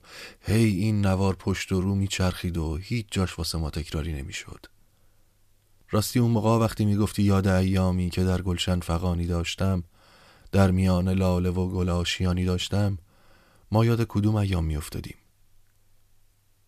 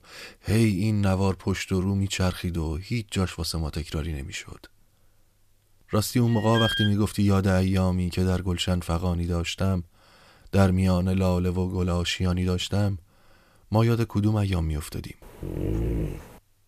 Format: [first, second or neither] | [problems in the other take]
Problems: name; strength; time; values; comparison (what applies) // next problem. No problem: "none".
first | alarm; noticeable; at 6.5 s; peak level with the speech // dog barking; noticeable; at 15 s; peak 2 dB below the speech